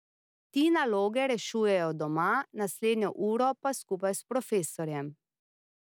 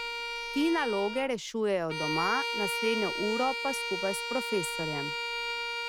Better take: first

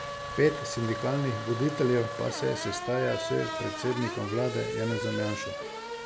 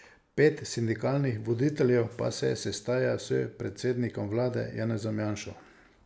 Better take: second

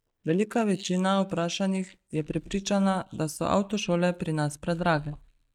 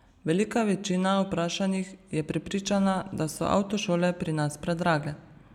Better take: second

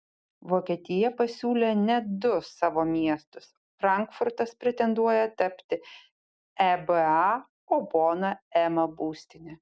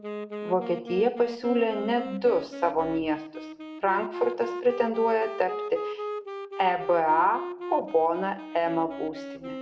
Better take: first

